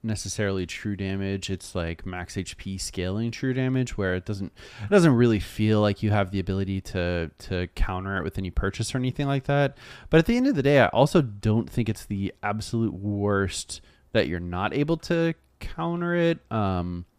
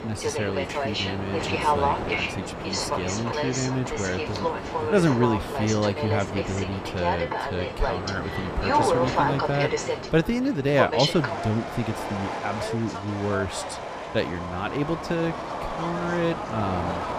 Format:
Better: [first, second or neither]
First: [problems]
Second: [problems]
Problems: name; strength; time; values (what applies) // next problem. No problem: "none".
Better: first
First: none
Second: train or aircraft noise; loud; throughout; as loud as the speech